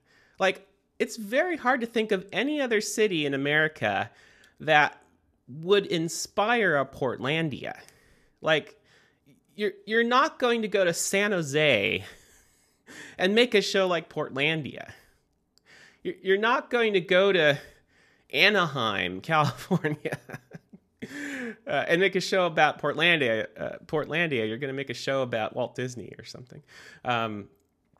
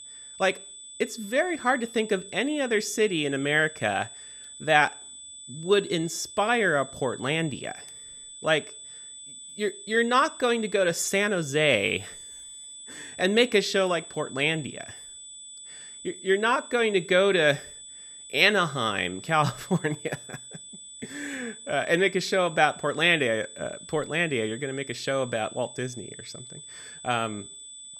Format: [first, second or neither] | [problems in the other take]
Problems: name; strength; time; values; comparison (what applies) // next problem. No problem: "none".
first | high-pitched whine; noticeable; throughout; 8 kHz, 15 dB below the speech